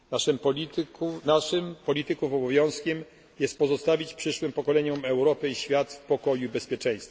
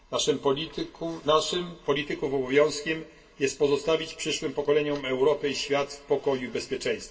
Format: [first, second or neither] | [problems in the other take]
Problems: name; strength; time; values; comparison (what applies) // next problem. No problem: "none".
first | room echo; dies away in 0.2 s